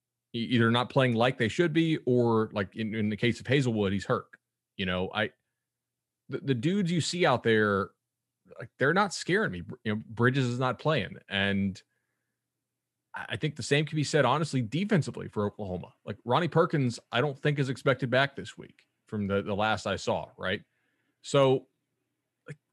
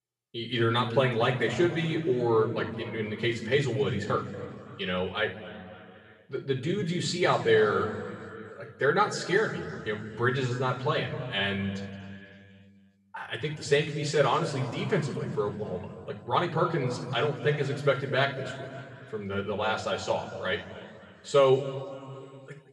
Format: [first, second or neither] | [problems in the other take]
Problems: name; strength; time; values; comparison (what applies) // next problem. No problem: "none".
first | room echo; slight; dies away in 2.4 s // off-mic speech; somewhat distant